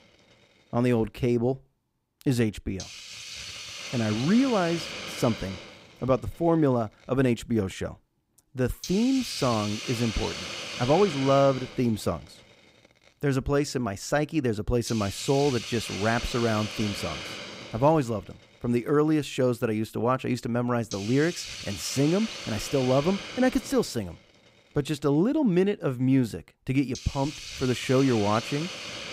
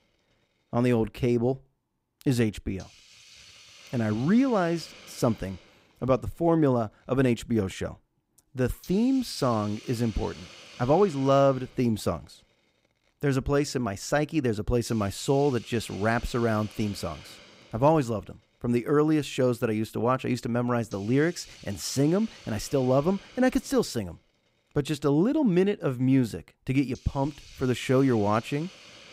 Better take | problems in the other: second | hiss; loud; throughout; 9 dB below the speech; faint in the second

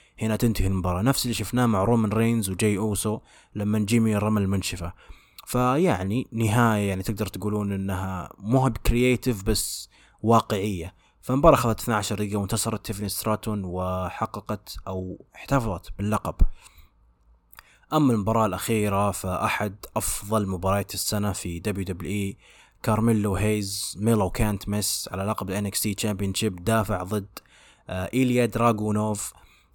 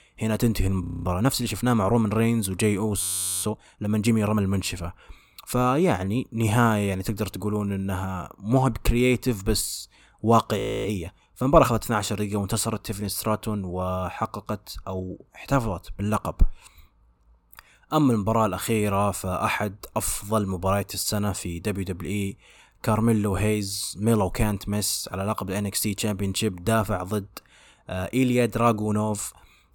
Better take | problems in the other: first | audio freezing; at 1 s, at 3 s and at 11 s

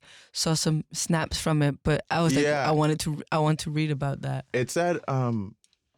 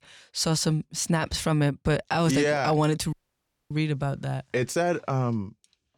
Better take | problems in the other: first | audio cutting out; at 3 s for 0.5 s

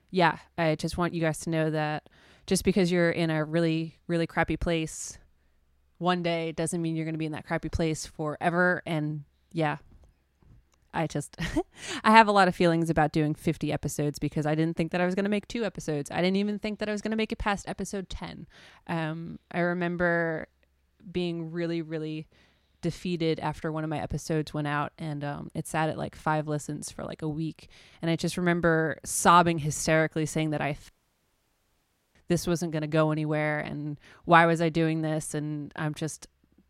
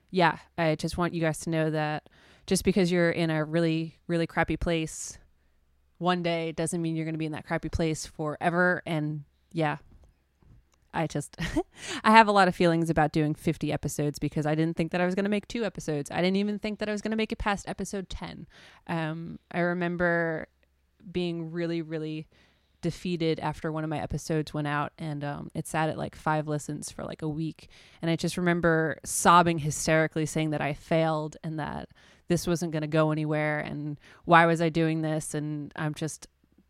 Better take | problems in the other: second | audio cutting out; at 31 s for 1.5 s

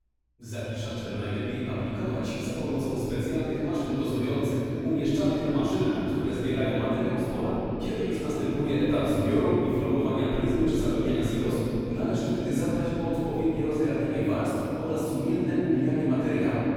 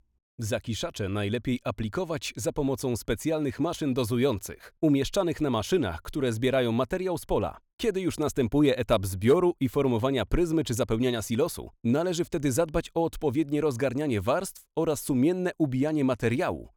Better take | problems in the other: second | off-mic speech; far // room echo; strong; dies away in 3 s

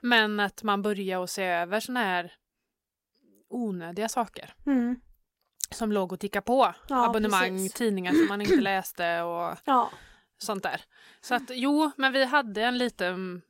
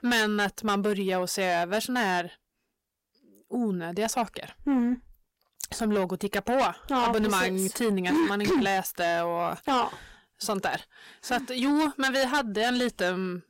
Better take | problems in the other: first | distortion; heavy; 8 dB below the speech

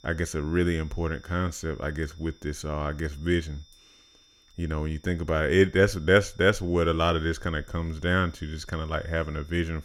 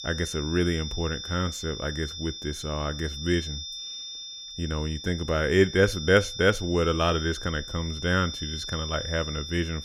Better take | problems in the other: first | high-pitched whine; loud; throughout; 3.5 kHz, 8 dB below the speech; faint in the first

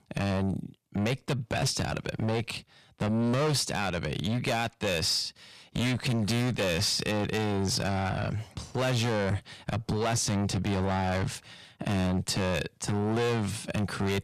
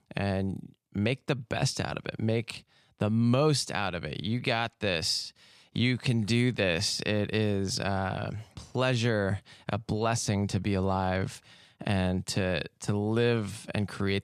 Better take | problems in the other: second | distortion; heavy; 6 dB below the speech

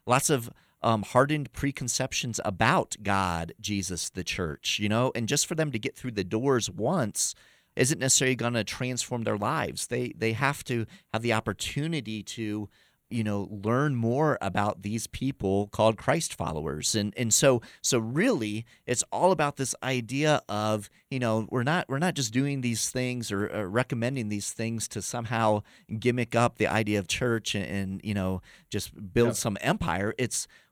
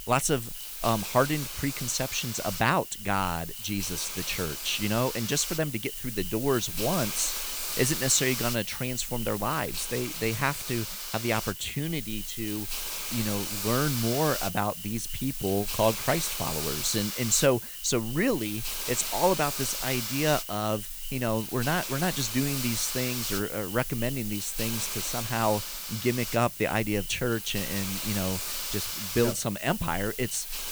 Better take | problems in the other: first | hiss; loud; throughout; 4 dB below the speech

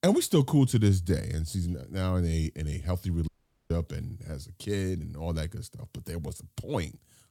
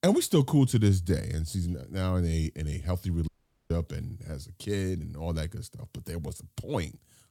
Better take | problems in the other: neither | audio cutting out; at 3.5 s; the same in both

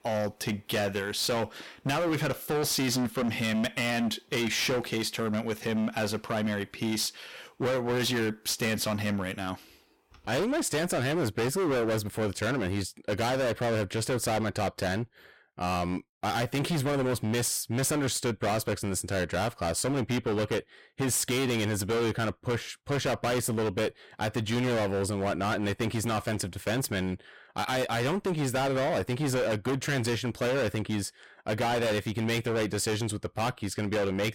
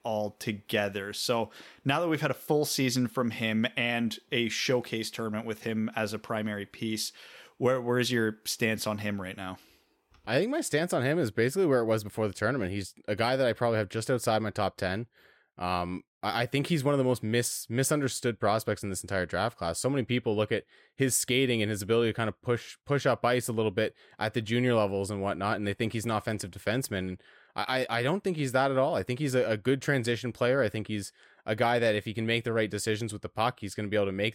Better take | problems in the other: second | distortion; heavy; 25% of the sound clipped

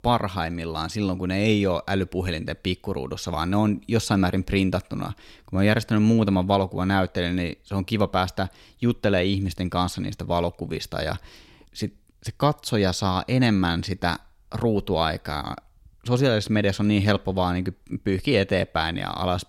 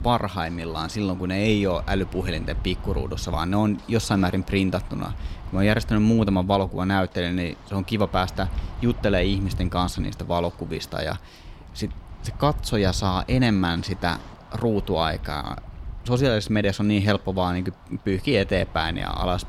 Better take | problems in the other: first | wind noise on the microphone; occasional gusts; 20 dB below the speech

